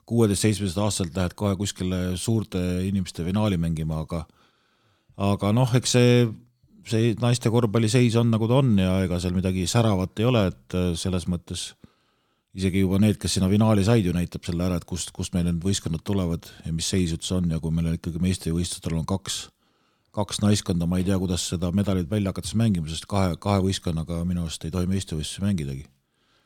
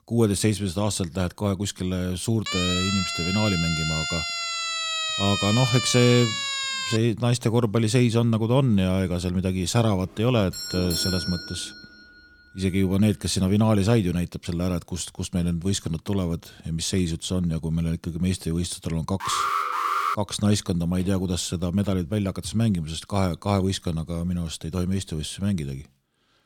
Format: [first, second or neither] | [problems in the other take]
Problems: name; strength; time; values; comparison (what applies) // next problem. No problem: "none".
first | siren; loud; from 2.5 to 7 s; peak level with the speech // doorbell; noticeable; from 11 to 12 s; peak 1 dB below the speech // alarm; loud; at 19 s; peak 1 dB above the speech